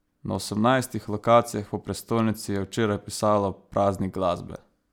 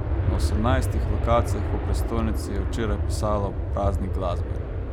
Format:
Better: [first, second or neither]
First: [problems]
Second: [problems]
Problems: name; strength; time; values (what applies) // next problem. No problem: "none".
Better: first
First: none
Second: background sound (Aircraft); 5 dB above the speech